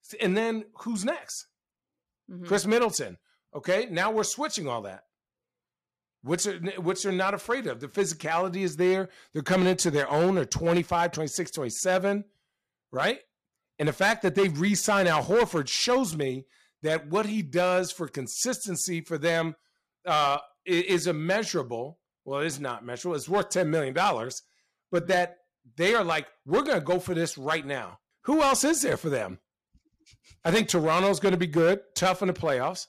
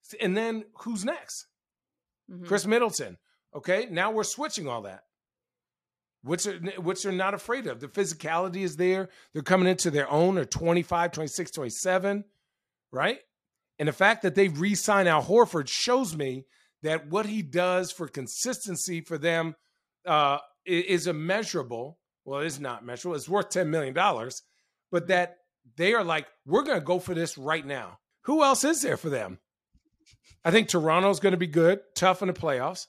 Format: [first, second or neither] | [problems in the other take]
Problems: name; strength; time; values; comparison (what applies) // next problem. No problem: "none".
second | distortion; slight; 4% of the sound clipped